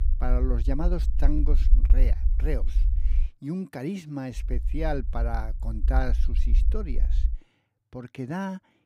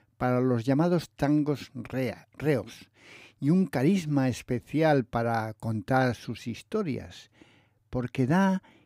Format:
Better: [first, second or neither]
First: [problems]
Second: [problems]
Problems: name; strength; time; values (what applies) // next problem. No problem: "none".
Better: second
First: low rumble; noticeable; until 3.5 s and from 4.5 to 7.5 s; 15 dB below the speech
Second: none